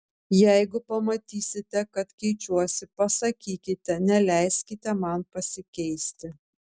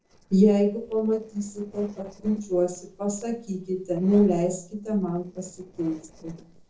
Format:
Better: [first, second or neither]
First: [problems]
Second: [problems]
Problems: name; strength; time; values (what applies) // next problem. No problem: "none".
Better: first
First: none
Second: noise reduction (neural separator model SepFormer DNS4)